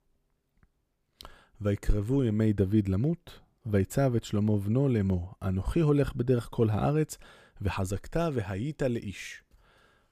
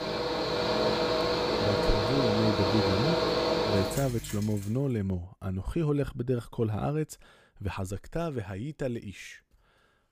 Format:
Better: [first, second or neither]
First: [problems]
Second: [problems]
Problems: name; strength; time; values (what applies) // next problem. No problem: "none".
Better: first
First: none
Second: machinery noise; very loud; until 4.5 s; 4 dB above the speech